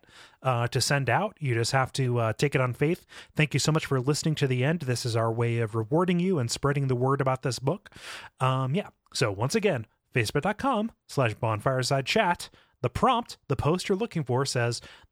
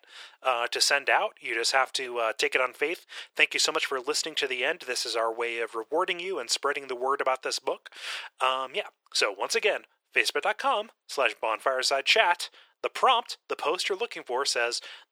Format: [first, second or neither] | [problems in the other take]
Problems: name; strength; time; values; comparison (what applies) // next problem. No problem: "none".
first | thin; very; fading below 400 Hz